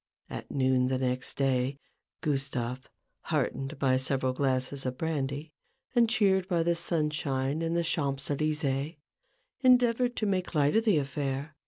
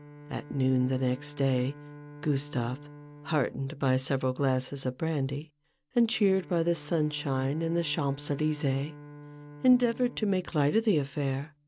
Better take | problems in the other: first | background sound (Bowed string instrument); 19 dB below the speech

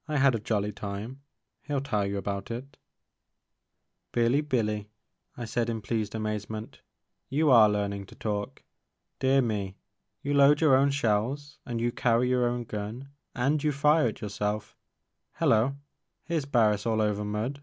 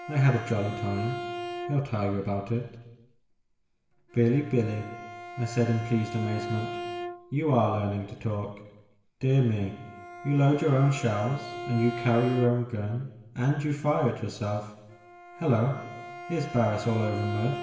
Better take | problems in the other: first | background sound (Bowed string instrument); 12 dB below the speech // room echo; dies away in 1 s

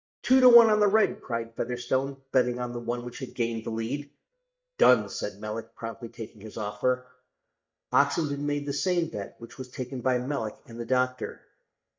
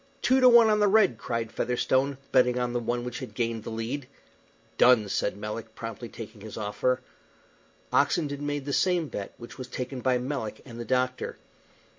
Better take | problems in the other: second | noise reduction (neural mask model DeepFilterNet 3)

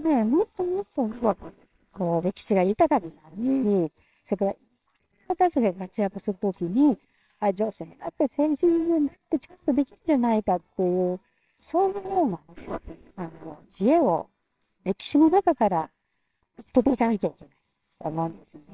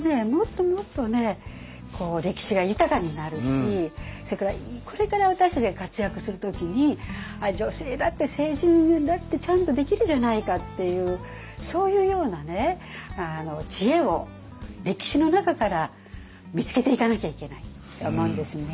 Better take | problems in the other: second | noise reduction (neural separator model SepFormer WHAMR!)

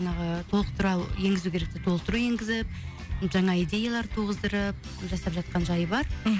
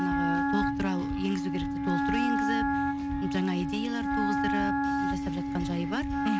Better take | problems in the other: first | background sound (Wind instrument, woodwind instrument); 4 dB above the speech

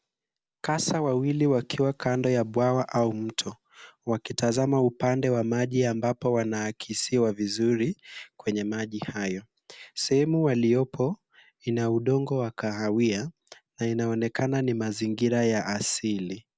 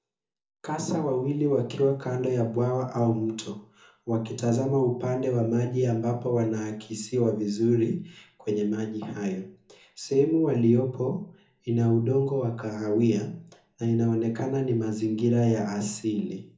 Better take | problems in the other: first | room echo; dies away in 0.5 s

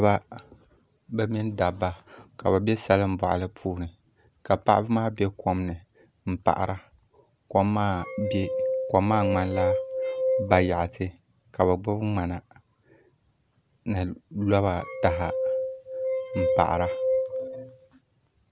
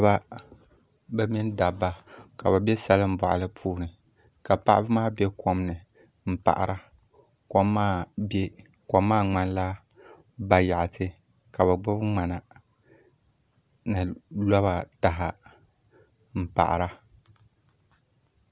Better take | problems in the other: second | background sound (Glass); 2 dB below the speech

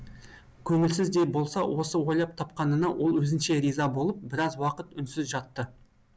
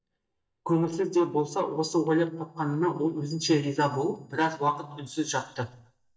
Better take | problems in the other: first | noise reduction (neural mask model DeepFilterNet 3)

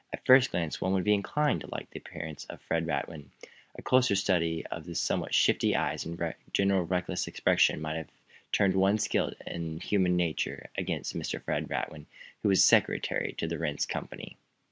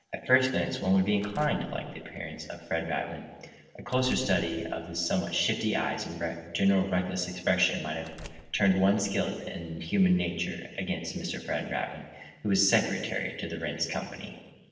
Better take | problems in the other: first | noise reduction (neural separator model SepFormer DNS4)

